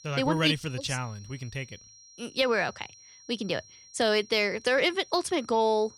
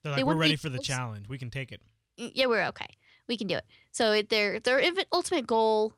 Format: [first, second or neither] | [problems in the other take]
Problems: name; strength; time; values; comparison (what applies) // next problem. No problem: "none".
second | high-pitched whine; faint; throughout; 5.5 kHz, 25 dB below the speech